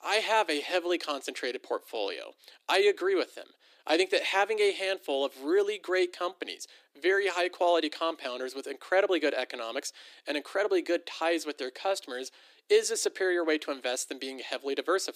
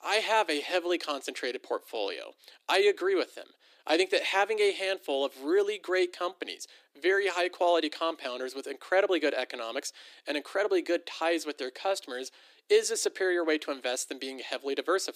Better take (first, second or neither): neither